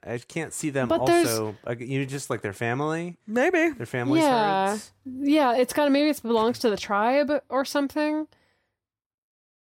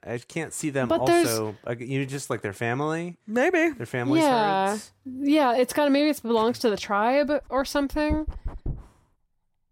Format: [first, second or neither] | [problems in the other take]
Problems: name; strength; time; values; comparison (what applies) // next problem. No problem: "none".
first | dog barking; noticeable; from 7.5 to 9 s; peak 10 dB below the speech